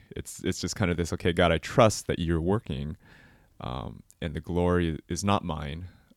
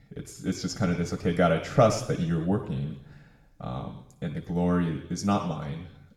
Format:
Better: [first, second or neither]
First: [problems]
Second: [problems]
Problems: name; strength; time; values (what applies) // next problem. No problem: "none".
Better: first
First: none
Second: room echo; slight; dies away in 0.8 s // off-mic speech; somewhat distant